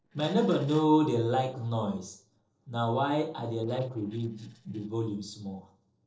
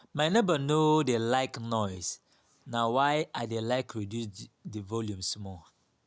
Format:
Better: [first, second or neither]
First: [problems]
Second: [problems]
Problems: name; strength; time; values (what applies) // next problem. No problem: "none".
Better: second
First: noise reduction (neural separator model SepFormer DNS4)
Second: none